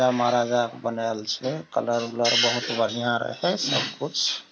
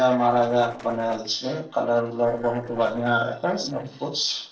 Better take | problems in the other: first | noise reduction (neural separator model SepFormer DNS4)

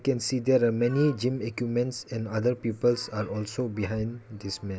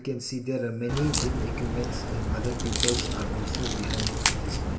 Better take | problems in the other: first | background sound (Crack); 3 dB above the speech // room echo; dies away in 1.9 s

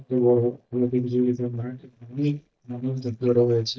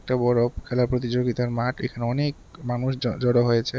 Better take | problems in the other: second | noise reduction (neural mask model DeepFilterNet 3)

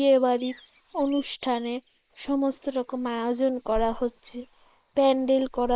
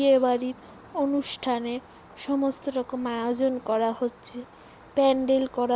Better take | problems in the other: second | noise reduction (neural mask model Resemble Enhance denoiser)

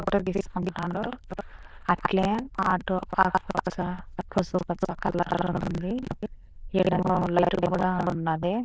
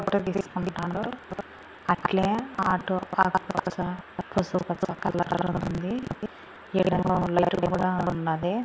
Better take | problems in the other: second | noise reduction (neural diffusion model UNIVERSE++)

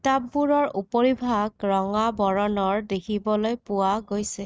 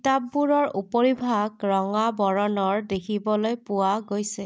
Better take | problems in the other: second | noise reduction (neural mask model RNNoise)

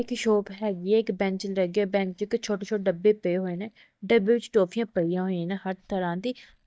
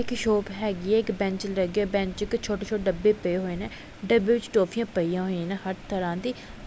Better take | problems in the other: second | noise reduction (neural mask model DeepFilterNet 3)

